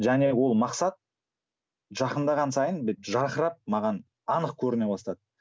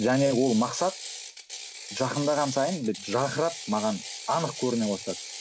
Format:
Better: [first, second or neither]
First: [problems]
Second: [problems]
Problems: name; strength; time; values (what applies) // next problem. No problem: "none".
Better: first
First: none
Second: background sound (Ratchet, pawl); 11 dB below the speech